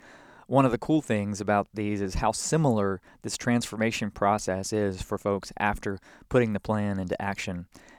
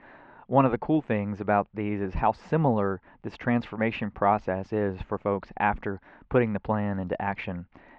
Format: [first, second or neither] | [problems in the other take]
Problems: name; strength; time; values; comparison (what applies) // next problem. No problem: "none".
first | muffled; very; fading above 3 kHz